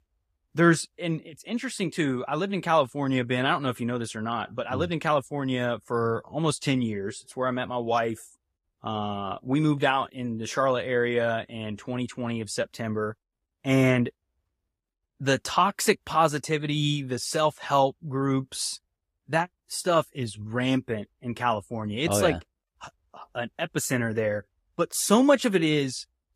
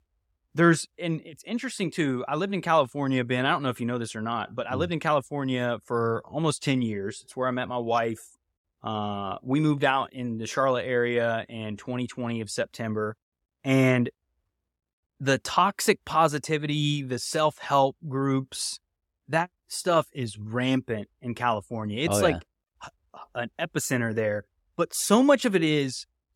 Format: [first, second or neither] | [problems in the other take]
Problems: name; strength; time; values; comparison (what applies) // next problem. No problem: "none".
second | garbled, watery; slightly